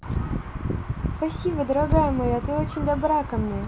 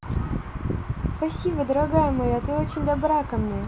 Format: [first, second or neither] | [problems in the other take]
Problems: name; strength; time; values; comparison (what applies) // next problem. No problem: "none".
second | background sound (Purr); 12 dB below the speech